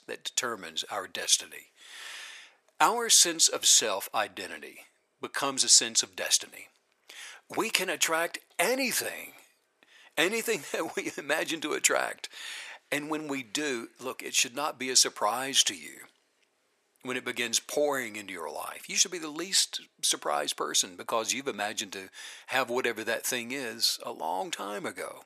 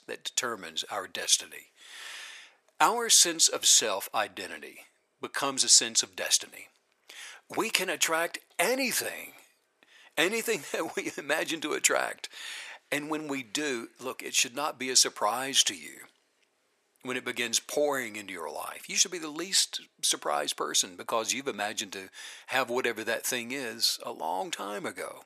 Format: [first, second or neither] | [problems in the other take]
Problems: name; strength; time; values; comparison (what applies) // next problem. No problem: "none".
neither | thin; very; fading below 650 Hz; the same in both